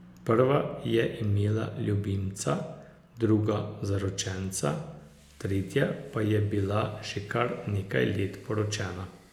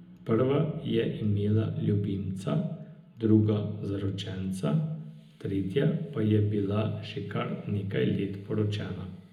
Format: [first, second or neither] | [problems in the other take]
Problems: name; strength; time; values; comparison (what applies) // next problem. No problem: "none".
first | room echo; dies away in 0.4 s